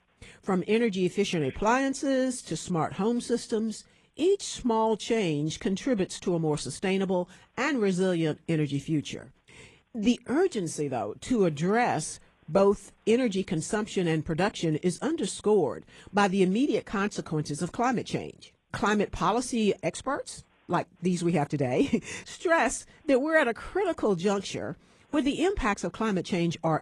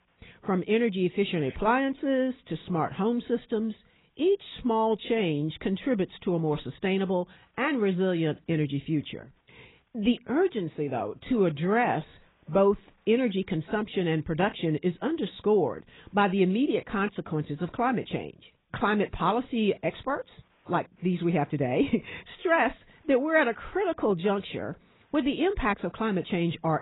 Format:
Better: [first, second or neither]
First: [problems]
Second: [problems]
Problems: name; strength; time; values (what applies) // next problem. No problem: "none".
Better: first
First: garbled, watery; slightly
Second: garbled, watery; badly; nothing above 4 kHz